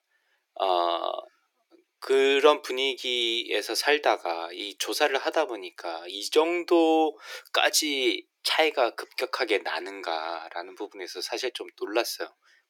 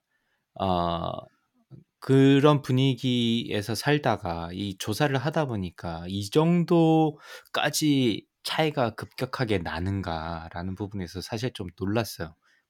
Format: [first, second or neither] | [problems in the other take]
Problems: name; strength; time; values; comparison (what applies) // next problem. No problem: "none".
second | thin; very; fading below 350 Hz